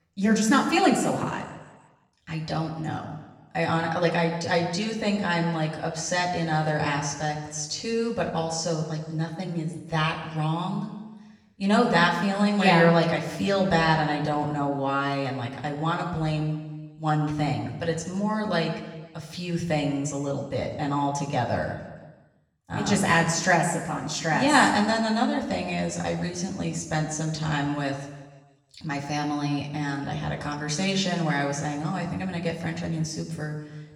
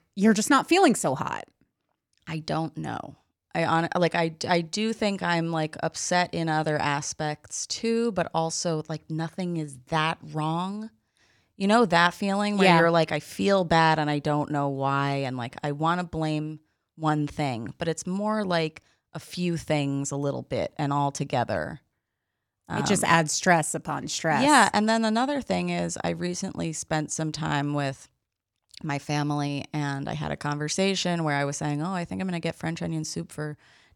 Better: second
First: room echo; noticeable; dies away in 1.1 s // off-mic speech; far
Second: none

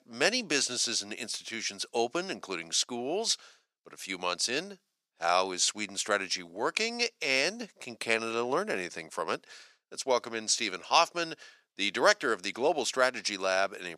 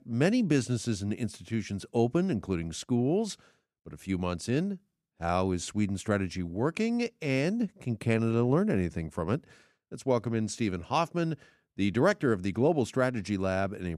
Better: second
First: thin; very; fading below 650 Hz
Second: none

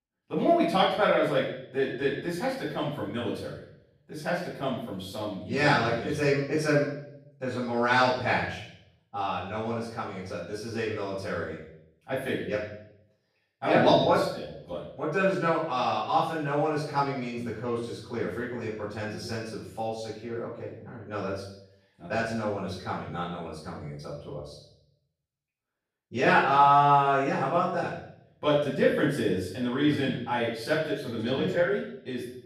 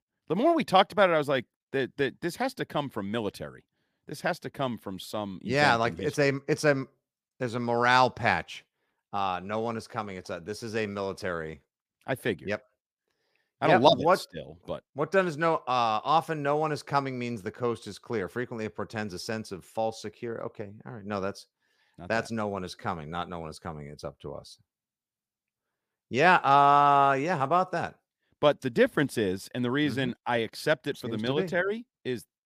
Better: second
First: off-mic speech; far // room echo; noticeable; dies away in 0.7 s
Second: none

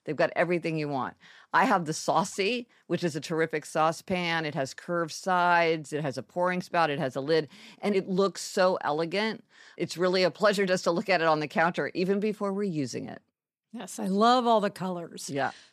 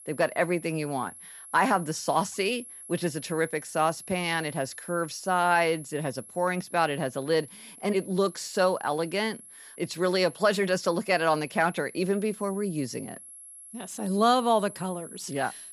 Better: first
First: none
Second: high-pitched whine; noticeable; throughout; 11 kHz, 15 dB below the speech

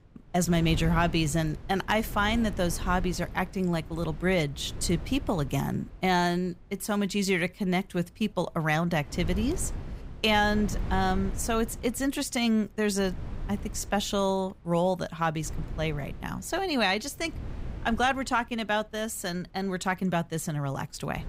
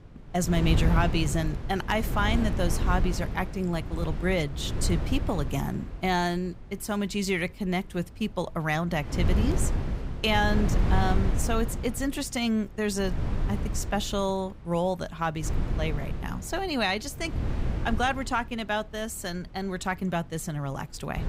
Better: first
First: wind noise on the microphone; occasional gusts; 20 dB below the speech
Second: wind noise on the microphone; heavy; 10 dB below the speech

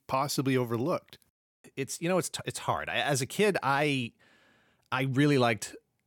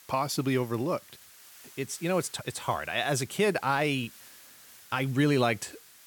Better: first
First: none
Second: hiss; faint; throughout; 20 dB below the speech

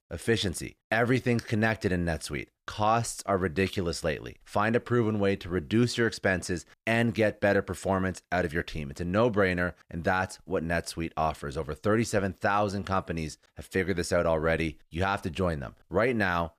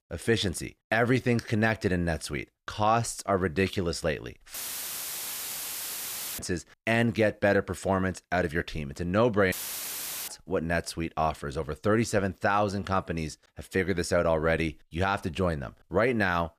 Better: first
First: none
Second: audio cutting out; filled with static; at 4.5 s for 2 s and at 9.5 s for 1 s

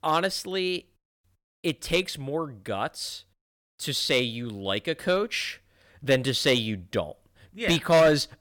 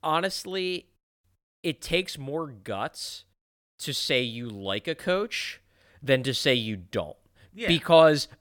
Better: second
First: distortion; slight; 1.6% of the sound clipped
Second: none

